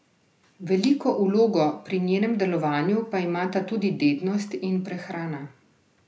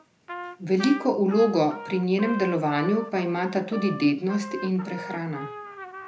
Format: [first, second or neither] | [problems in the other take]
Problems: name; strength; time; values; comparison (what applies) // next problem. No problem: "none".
first | background sound (Trumpet); 13 dB below the speech